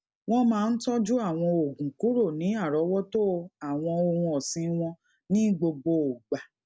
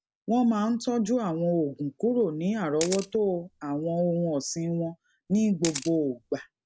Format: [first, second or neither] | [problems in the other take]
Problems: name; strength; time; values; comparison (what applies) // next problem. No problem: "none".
first | background sound (Camera); 13 dB below the speech